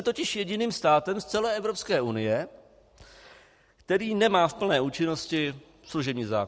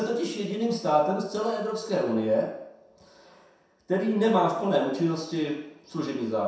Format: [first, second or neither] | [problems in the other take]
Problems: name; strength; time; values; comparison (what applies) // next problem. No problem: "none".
first | room echo; dies away in 0.7 s